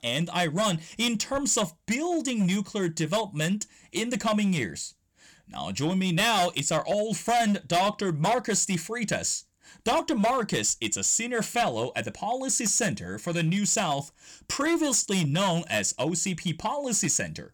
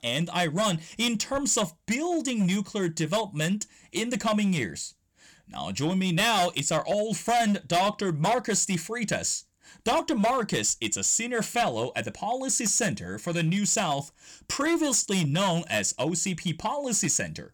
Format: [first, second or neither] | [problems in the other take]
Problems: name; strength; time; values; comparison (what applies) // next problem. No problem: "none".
neither | distortion; slight; 7% of the sound clipped; the same in both